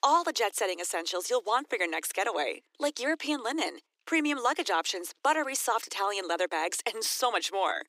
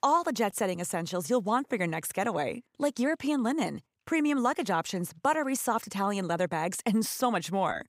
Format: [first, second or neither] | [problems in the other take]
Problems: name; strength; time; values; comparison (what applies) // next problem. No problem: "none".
second | thin; somewhat; fading below 300 Hz